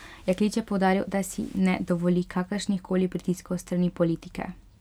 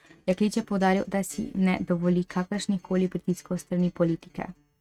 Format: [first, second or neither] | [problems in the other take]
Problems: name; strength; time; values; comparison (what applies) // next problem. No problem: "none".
first | noise reduction (neural mask model RNNoise)